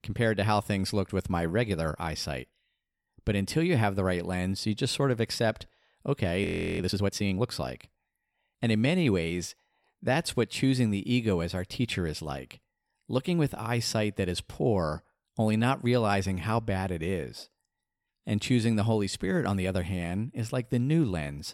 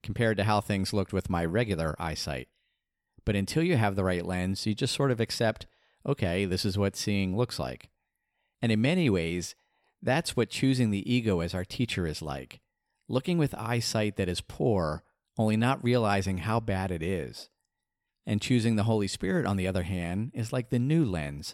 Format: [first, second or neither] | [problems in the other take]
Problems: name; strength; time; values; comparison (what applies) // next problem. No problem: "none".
second | audio freezing; at 6.5 s